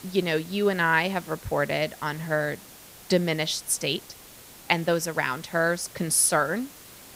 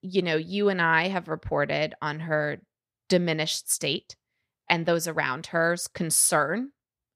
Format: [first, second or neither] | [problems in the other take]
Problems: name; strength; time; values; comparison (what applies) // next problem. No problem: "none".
second | hiss; noticeable; throughout; 20 dB below the speech